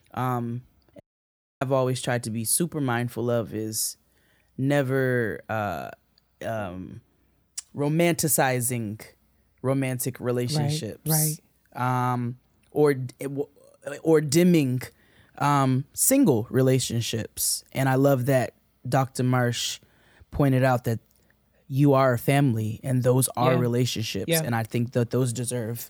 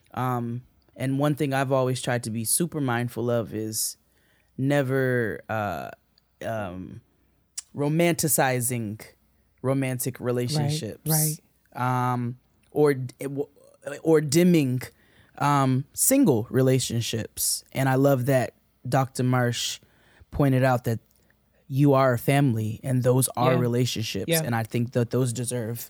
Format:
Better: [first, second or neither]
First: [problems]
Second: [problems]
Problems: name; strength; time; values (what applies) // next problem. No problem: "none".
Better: second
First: audio cutting out; at 1 s for 0.5 s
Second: none